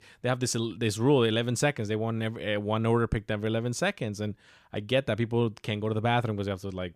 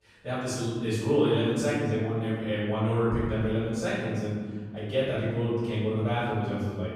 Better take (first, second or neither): first